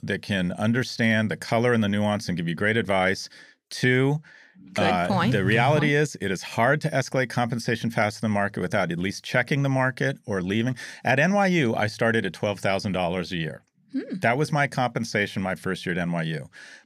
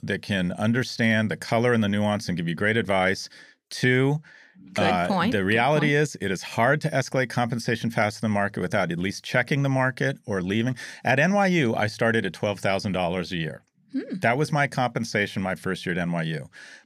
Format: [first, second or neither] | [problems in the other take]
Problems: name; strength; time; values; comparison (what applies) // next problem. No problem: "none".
second | phone ringing; noticeable; at 5 s; peak 3 dB below the speech